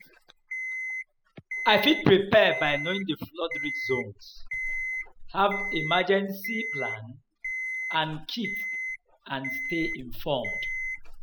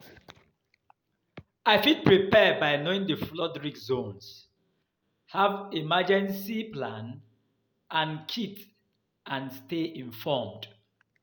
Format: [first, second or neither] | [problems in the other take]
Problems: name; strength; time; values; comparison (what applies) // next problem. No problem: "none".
second | noise reduction (classical method spectral subtraction)